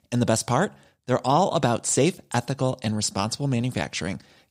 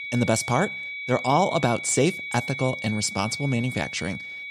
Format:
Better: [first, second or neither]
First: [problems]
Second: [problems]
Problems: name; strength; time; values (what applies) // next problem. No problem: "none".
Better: first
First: none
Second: high-pitched whine; loud; throughout; 2.5 kHz, 7 dB below the speech